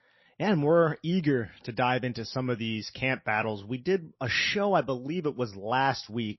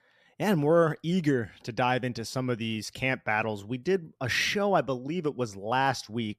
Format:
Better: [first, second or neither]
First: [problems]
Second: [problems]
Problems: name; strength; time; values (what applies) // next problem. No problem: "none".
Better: second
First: garbled, watery; slightly; nothing above 6 kHz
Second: none